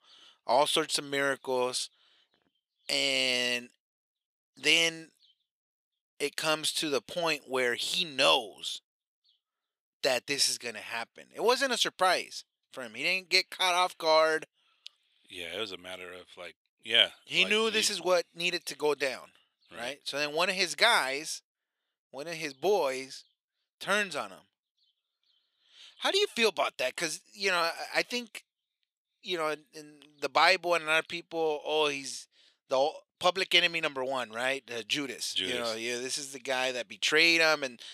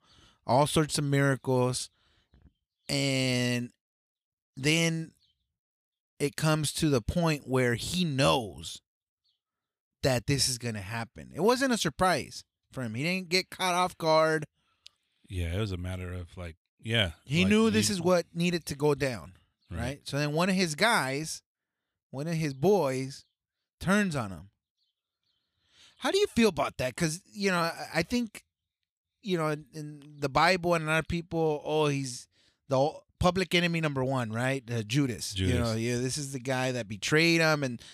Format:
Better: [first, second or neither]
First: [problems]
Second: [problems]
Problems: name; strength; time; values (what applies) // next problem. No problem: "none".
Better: second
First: thin; somewhat; fading below 500 Hz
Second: none